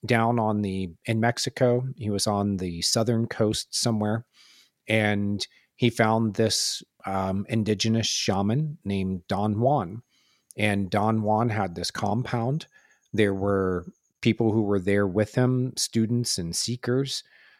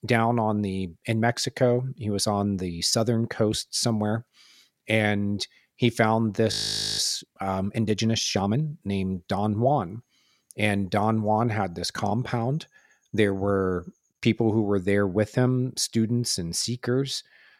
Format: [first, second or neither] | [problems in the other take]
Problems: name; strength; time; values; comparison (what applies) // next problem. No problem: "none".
first | audio freezing; at 6.5 s